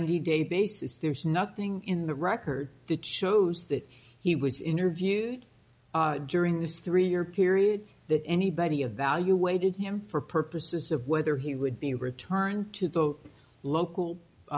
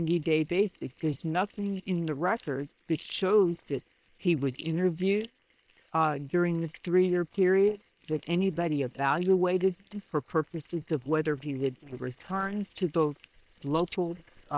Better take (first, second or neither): first